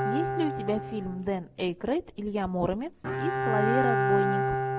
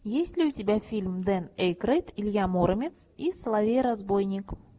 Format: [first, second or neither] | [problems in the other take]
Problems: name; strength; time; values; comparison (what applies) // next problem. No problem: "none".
second | background sound (Bowed string instrument); 1 dB above the speech